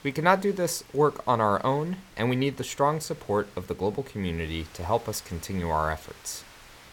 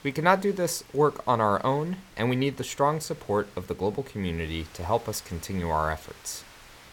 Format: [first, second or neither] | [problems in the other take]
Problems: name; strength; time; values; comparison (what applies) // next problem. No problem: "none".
neither | hiss; faint; throughout; 25 dB below the speech; the same in both